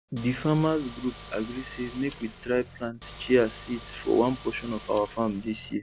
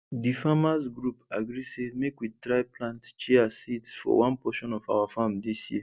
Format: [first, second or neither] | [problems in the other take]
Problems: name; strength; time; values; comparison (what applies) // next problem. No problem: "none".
second | background sound (Car); 17 dB below the speech